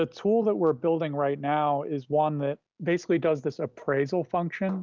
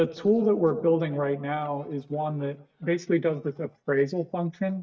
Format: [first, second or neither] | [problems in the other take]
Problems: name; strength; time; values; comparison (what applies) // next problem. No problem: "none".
first | noise reduction (neural mask model DeepFilterNet 3)